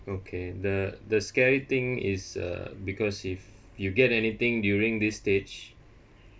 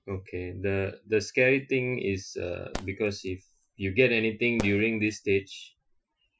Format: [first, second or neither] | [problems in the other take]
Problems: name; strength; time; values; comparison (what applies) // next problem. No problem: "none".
first | noise reduction (classical method Wiener filter)